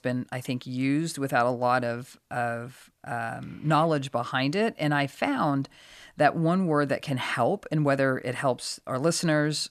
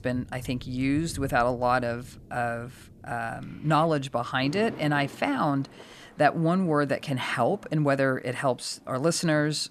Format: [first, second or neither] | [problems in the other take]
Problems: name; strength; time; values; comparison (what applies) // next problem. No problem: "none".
first | rain or running water; noticeable; throughout; 20 dB below the speech